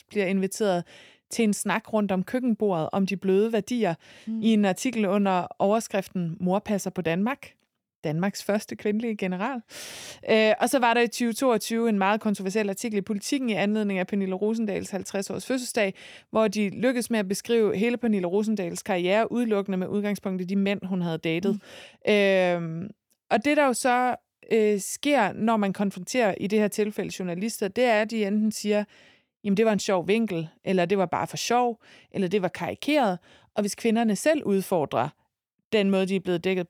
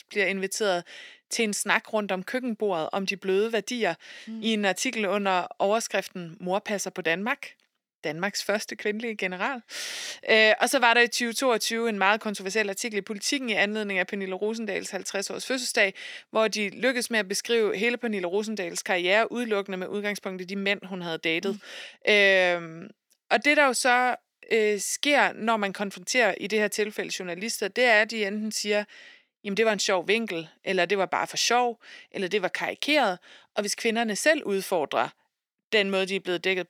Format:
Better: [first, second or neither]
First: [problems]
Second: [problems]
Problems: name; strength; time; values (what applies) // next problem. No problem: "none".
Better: first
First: none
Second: thin; very slightly; fading below 300 Hz